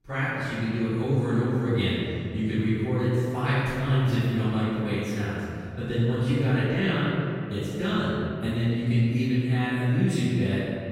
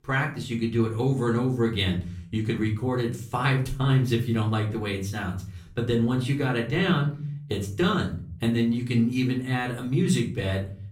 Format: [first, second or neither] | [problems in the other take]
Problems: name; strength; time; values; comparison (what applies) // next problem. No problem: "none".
second | room echo; strong; dies away in 2.4 s; slight in the second // off-mic speech; far; far in the second